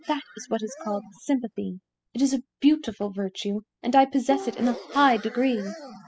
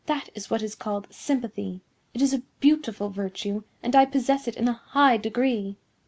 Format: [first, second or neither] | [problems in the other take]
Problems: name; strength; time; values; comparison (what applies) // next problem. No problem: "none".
second | noise reduction (classical method spectral subtraction)